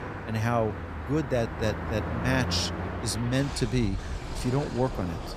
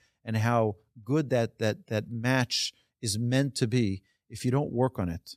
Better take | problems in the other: second | train or aircraft noise; loud; throughout; 6 dB below the speech

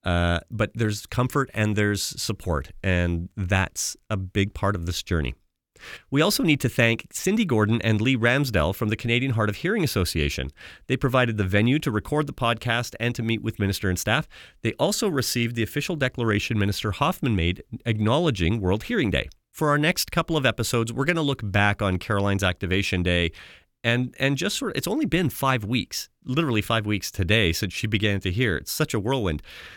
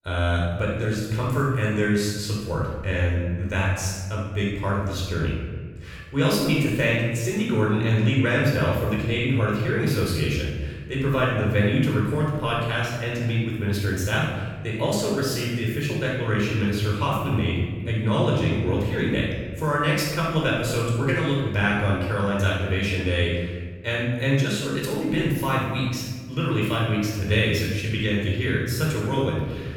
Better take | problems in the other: first | room echo; strong; dies away in 1.4 s // off-mic speech; far

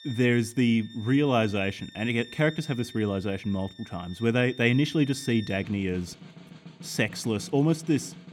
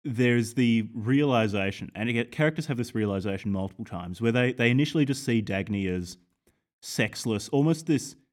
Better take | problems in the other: second | background music; noticeable; throughout; 20 dB below the speech

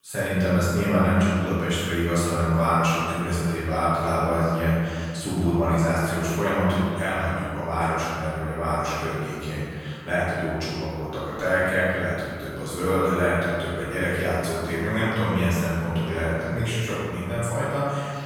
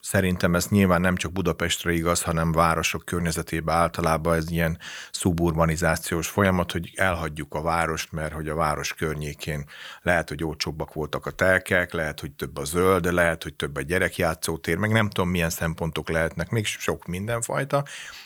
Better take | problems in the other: second | off-mic speech; far // room echo; strong; dies away in 1.9 s

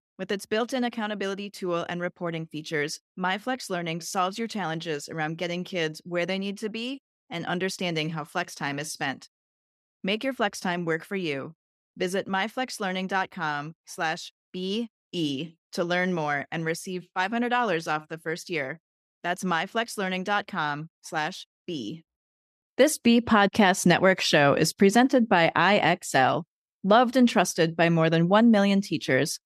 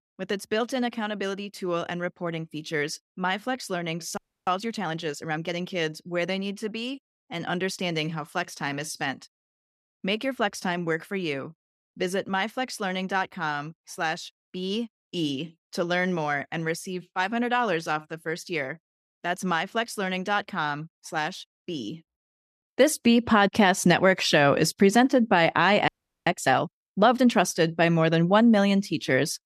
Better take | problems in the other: first | audio freezing; at 4 s and at 26 s

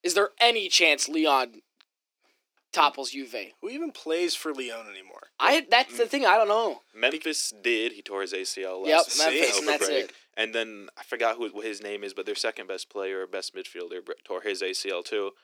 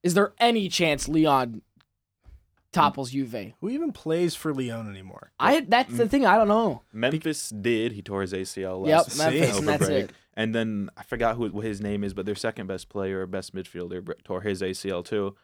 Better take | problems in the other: second | thin; somewhat; fading below 300 Hz

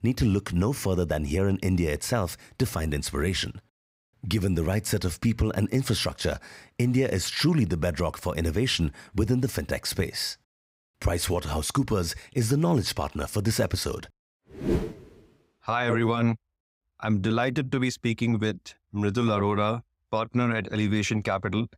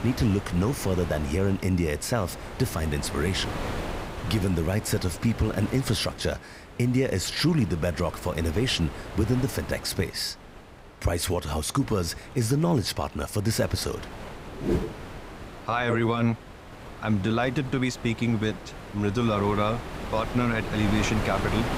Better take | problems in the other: first | wind noise on the microphone; heavy; 9 dB below the speech

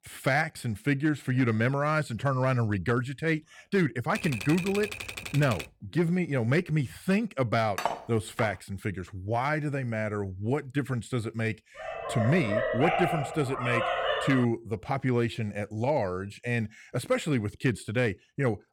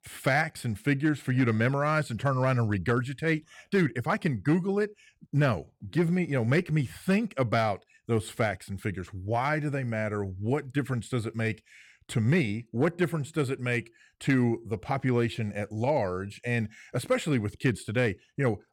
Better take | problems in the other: second | keyboard typing; noticeable; from 4 to 5.5 s; peak 6 dB below the speech // clattering dishes; noticeable; at 8 s; peak 4 dB below the speech // dog barking; loud; from 12 to 14 s; peak 1 dB above the speech

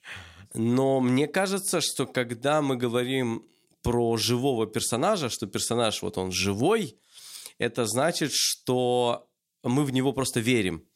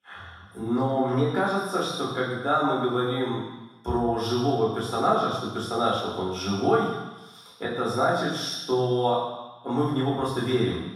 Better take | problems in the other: first | room echo; strong; dies away in 1.2 s // off-mic speech; far

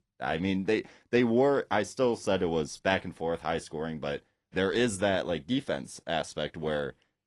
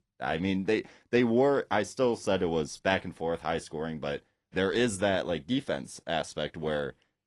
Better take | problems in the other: neither | garbled, watery; slightly; nothing above 11 kHz; the same in both

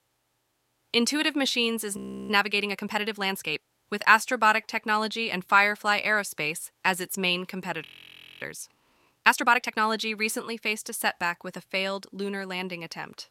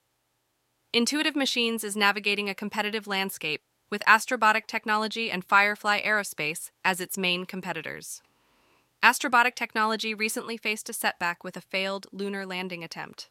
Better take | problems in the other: second | audio freezing; at 2 s and at 8 s for 0.5 s

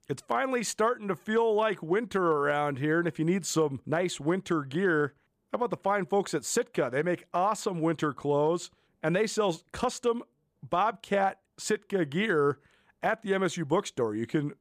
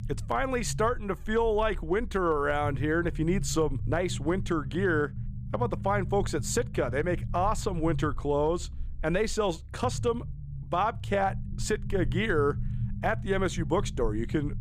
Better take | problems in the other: first | low rumble; noticeable; throughout; 20 dB below the speech

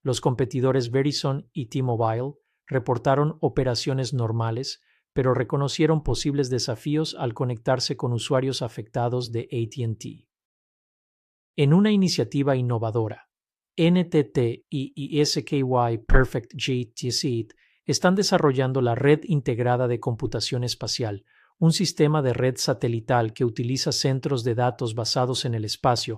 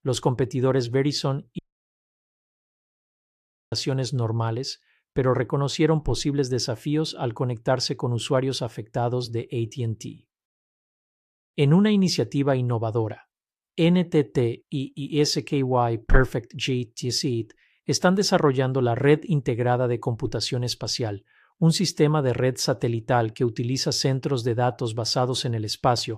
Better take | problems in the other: first | audio cutting out; at 1.5 s for 2 s

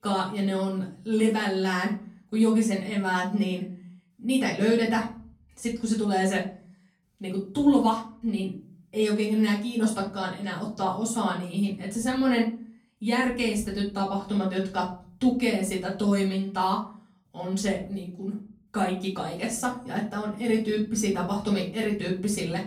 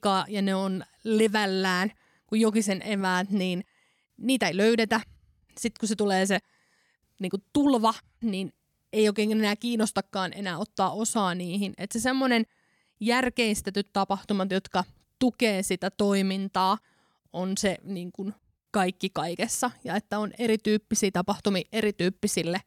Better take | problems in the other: second | off-mic speech; far // room echo; slight; dies away in 0.6 s

